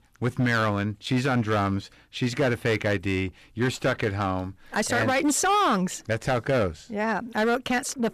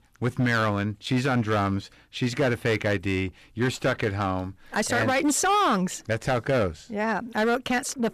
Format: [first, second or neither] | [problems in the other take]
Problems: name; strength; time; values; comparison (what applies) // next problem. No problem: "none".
neither | distortion; slight; 9% of the sound clipped; the same in both